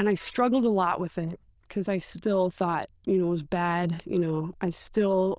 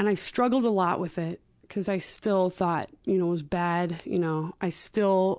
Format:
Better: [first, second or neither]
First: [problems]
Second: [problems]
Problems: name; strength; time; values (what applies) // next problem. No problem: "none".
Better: second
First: noise reduction (neural diffusion model UNIVERSE++)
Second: none